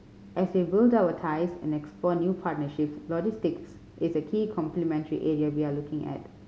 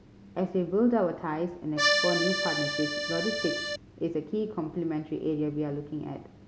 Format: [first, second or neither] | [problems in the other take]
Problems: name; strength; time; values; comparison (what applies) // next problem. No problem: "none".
first | background sound (Accordion); 2 dB above the speech